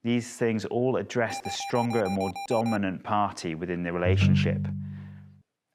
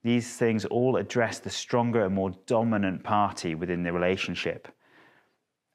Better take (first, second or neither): second